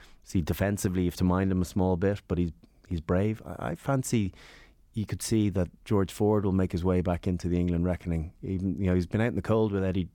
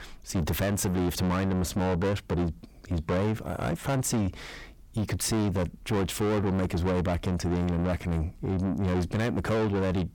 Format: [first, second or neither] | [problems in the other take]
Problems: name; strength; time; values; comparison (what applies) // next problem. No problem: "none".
first | distortion; heavy; 6 dB below the speech